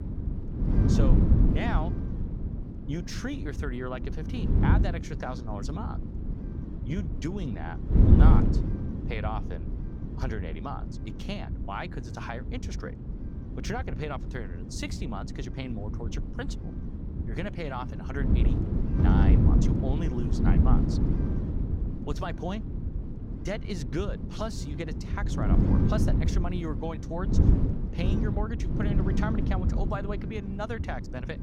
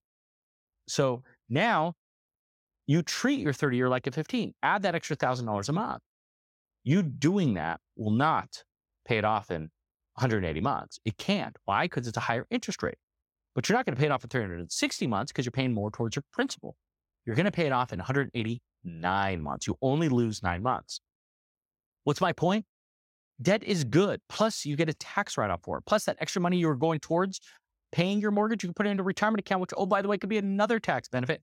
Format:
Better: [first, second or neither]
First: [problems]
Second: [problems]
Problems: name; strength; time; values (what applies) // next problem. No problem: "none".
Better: second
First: wind noise on the microphone; heavy; 2 dB below the speech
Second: none